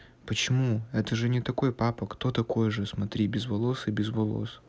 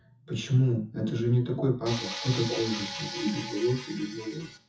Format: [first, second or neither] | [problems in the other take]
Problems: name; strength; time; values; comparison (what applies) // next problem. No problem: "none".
first | noise reduction (classical method WPE with log-MMSE)